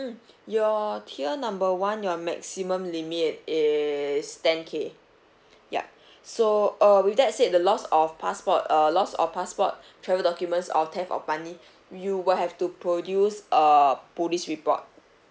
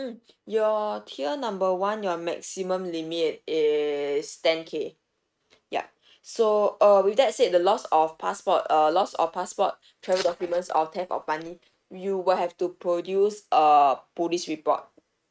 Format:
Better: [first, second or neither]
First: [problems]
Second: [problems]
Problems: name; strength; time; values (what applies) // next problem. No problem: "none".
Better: first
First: none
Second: noise reduction (neural mask model RNNoise)